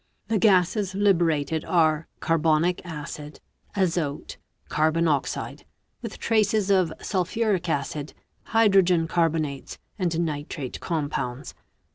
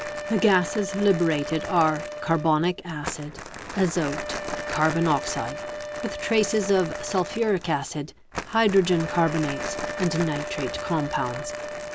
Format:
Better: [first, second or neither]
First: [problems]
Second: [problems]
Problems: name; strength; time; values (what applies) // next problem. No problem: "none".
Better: first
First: none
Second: background sound (Wind instrument, woodwind instrument + Crumpling, crinkling); 8 dB below the speech